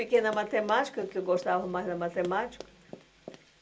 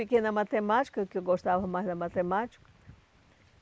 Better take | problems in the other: second | background sound (Run); 19 dB below the speech // room echo; dies away in 0.2 s

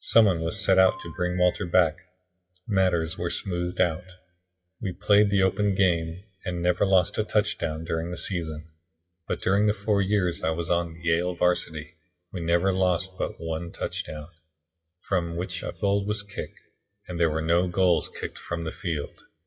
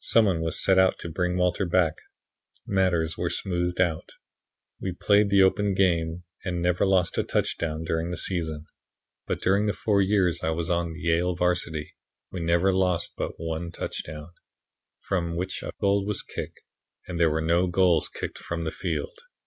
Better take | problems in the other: second | noise reduction (classical method WPE with log-MMSE)

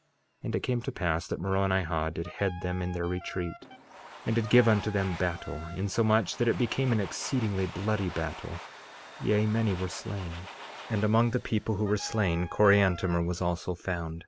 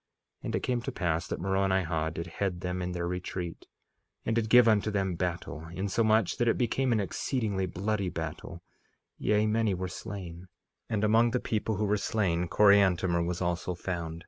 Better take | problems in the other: second | background sound (Domestic sounds, home sounds + Wind instrument, woodwind instrument); 17 dB below the speech

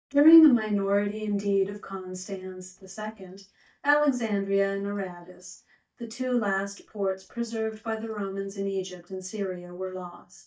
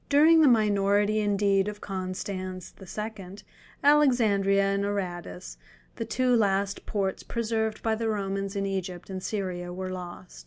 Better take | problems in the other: second | noise reduction (neural mask model DeepFilterNet 3)

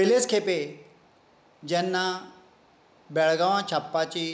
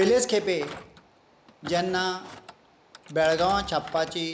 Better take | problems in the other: first | background sound (Thump, thud); 17 dB below the speech

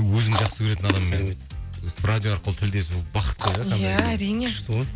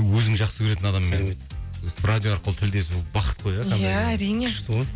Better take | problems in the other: second | background sound (Chewing, mastication); 8 dB below the speech

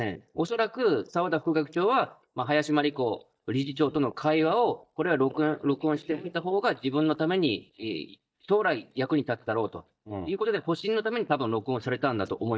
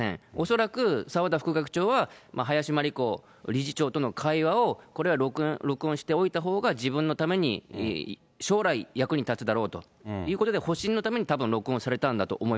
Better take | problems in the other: second | noise reduction (neural mask model DeepFilterNet 3)

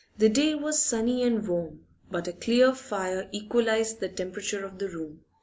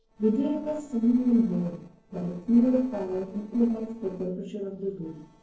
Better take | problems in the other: first | noise reduction (neural separator model SepFormer DNS4)

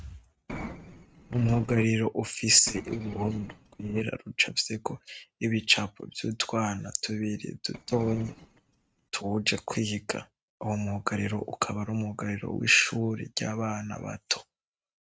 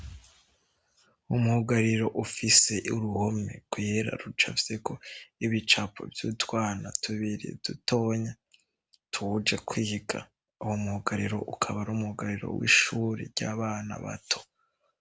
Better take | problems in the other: second | noise reduction (neural mask model RNNoise)

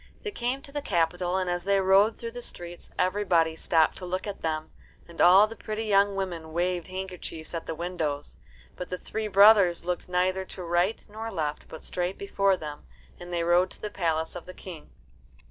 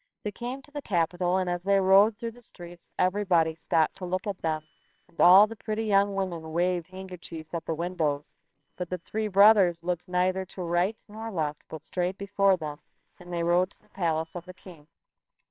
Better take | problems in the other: first | noise reduction (neural separator model SepFormer WHAMR!)

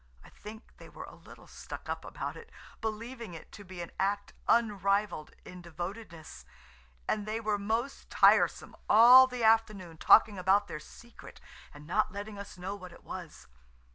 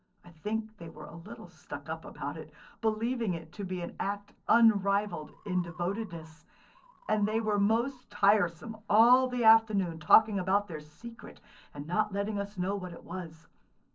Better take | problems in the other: first | noise reduction (neural separator model SepFormer DNS4)

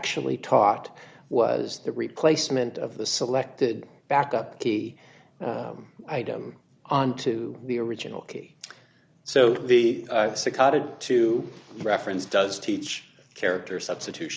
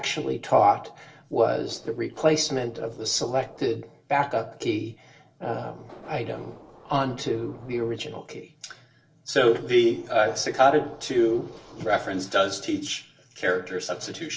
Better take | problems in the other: first | noise reduction (neural separator model SepFormer DNS4)

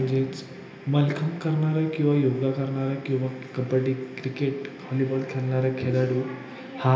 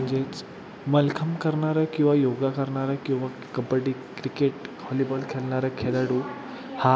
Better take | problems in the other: second | room echo; dies away in 1.4 s

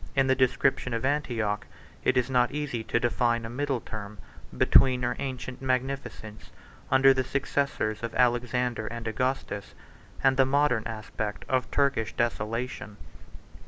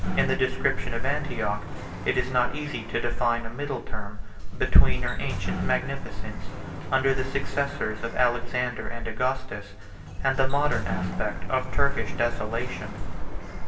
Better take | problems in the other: first | background sound (Sliding door); 13 dB below the speech // room echo; dies away in 0.8 s

